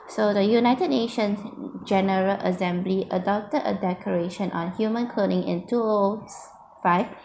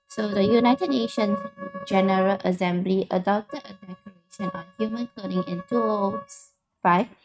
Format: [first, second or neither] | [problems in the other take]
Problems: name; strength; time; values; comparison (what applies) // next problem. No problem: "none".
first | noise reduction (neural mask model RNNoise)